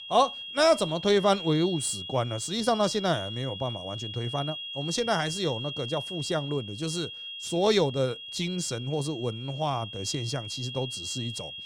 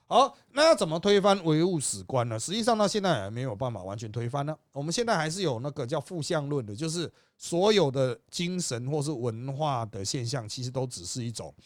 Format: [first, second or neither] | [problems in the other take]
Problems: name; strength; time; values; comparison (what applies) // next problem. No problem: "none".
second | high-pitched whine; loud; throughout; 3.5 kHz, 8 dB below the speech